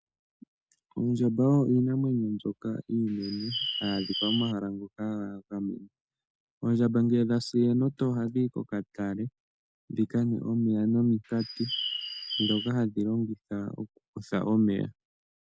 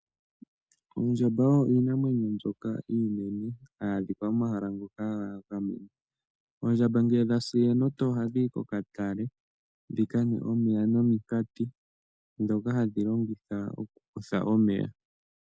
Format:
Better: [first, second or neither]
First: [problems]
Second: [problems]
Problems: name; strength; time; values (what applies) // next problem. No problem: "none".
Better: second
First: background sound (Bird); 6 dB below the speech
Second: none